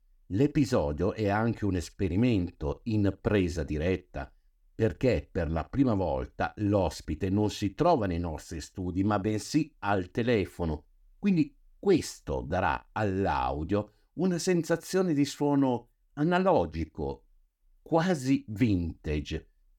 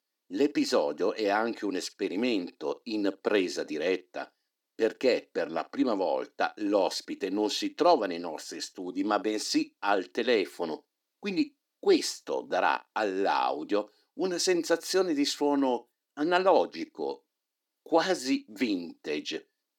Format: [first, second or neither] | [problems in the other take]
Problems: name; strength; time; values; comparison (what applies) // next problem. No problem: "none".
first | thin; very slightly; fading below 300 Hz